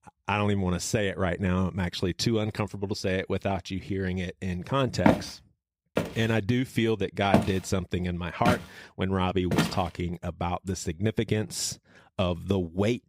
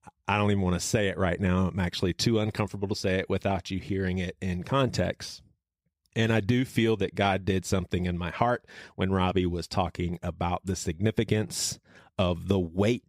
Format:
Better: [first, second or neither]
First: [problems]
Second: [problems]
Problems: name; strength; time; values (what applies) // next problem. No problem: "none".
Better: second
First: footsteps; loud; from 5 to 9.5 s; peak 4 dB above the speech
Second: none